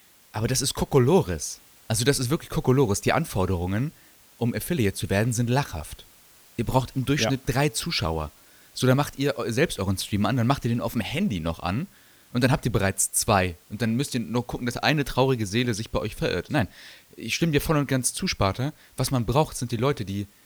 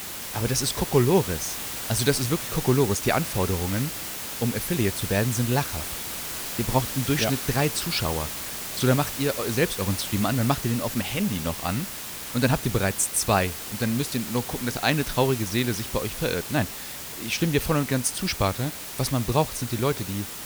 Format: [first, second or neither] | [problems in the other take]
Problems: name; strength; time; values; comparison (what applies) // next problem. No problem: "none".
first | hiss; loud; throughout; 5 dB below the speech; faint in the first